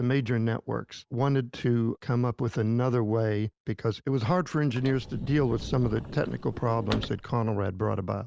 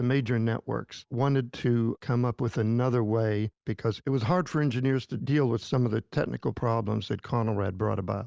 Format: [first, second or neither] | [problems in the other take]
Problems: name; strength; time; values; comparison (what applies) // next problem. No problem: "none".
second | background sound (Sliding door / Slam / Wood); 11 dB below the speech